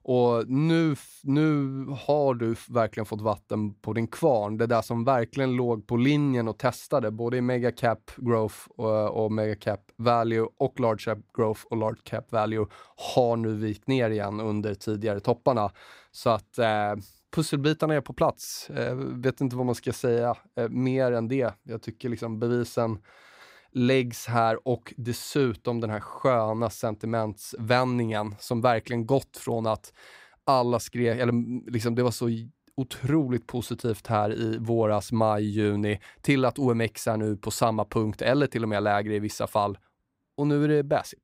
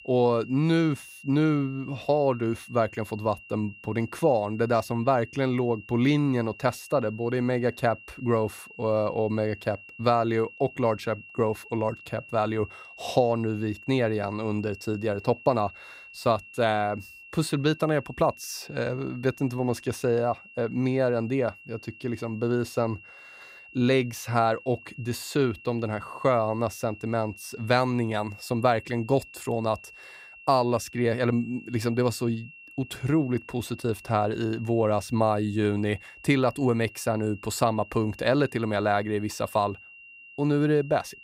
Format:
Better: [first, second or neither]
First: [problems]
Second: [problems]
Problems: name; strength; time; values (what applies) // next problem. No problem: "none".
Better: first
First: none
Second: high-pitched whine; noticeable; throughout; 2.5 kHz, 20 dB below the speech